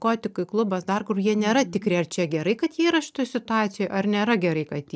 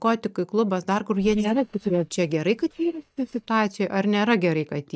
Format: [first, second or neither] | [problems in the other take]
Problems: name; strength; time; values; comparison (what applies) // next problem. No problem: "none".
first | noise reduction (neural mask model DeepFilterNet 3)